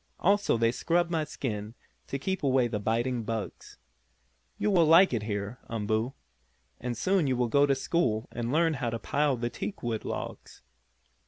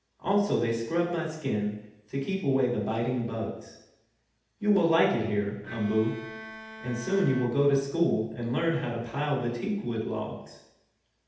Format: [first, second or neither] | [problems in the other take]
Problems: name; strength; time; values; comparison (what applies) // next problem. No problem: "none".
first | background sound (Bowed string instrument); 15 dB below the speech // room echo; dies away in 0.8 s